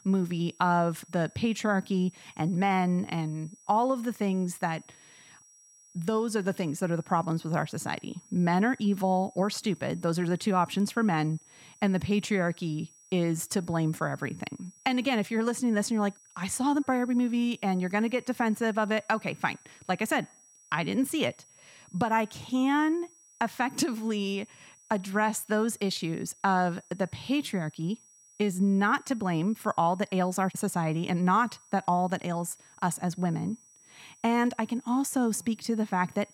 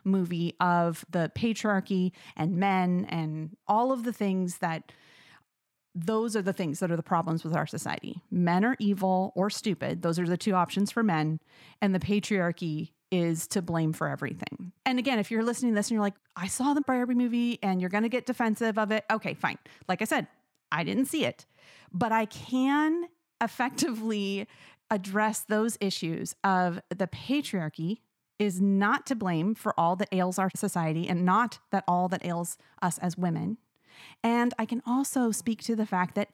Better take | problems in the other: second | high-pitched whine; faint; throughout; 6 kHz, 25 dB below the speech

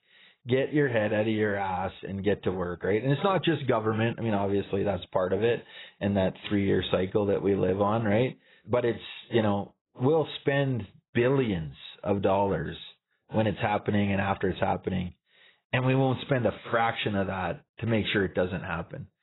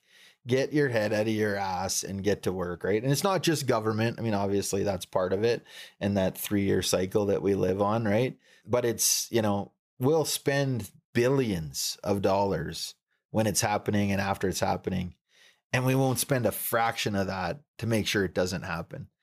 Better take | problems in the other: second | garbled, watery; badly; nothing above 4 kHz

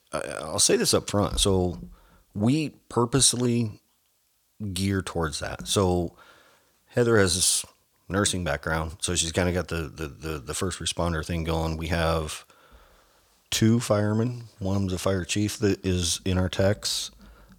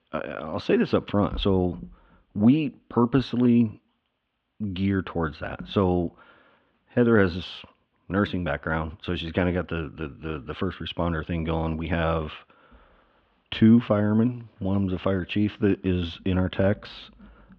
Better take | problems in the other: first | muffled; very; fading above 3 kHz

